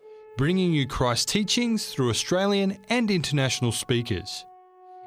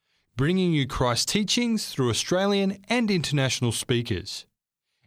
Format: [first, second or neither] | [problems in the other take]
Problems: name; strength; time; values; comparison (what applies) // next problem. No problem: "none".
second | background music; faint; throughout; 25 dB below the speech